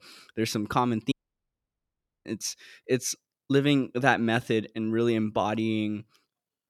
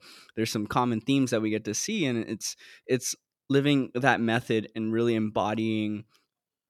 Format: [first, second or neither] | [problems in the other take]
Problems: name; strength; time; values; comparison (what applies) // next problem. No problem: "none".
second | audio cutting out; at 1 s for 1 s